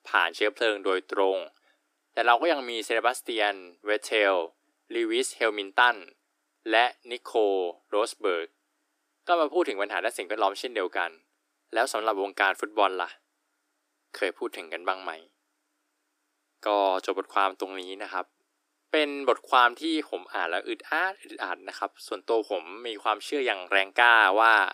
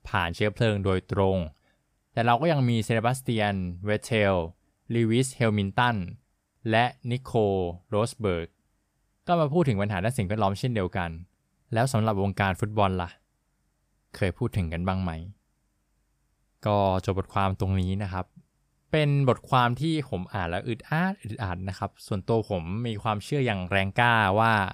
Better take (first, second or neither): second